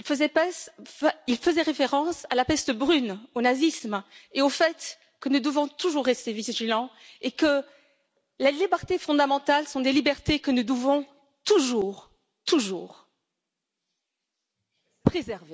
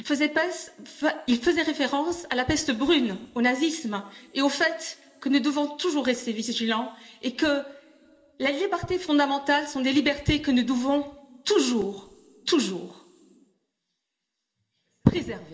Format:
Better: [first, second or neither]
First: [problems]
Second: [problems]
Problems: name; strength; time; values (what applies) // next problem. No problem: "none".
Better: first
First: none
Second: room echo; dies away in 2.4 s